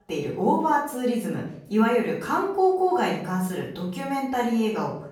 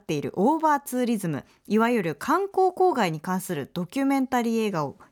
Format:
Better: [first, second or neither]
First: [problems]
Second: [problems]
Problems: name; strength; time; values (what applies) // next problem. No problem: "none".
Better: second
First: off-mic speech; far // room echo; noticeable; dies away in 0.6 s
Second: none